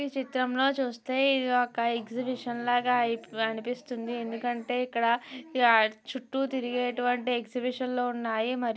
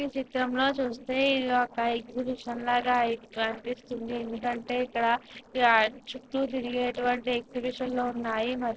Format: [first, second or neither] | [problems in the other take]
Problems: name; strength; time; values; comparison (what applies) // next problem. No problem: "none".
first | noise reduction (neural separator model SepFormer DNS4)